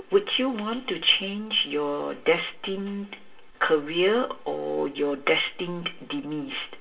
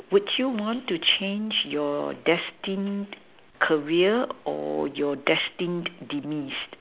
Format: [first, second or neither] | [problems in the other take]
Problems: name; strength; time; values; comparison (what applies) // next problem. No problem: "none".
second | room echo; dies away in 0.2 s